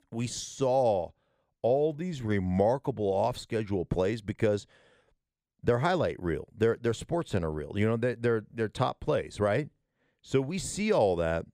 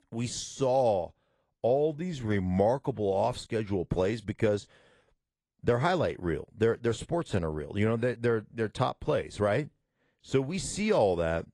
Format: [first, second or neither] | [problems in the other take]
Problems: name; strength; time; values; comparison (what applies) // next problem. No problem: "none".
first | garbled, watery; slightly